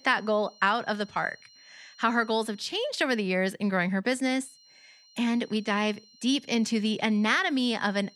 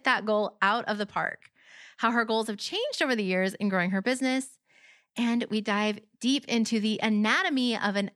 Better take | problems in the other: second | high-pitched whine; faint; until 2.5 s and from 4.5 s on; 4 kHz, 25 dB below the speech

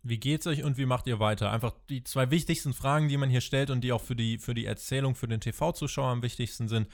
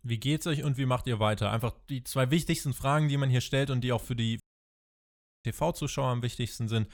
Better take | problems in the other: first | audio cutting out; at 4.5 s for 1 s

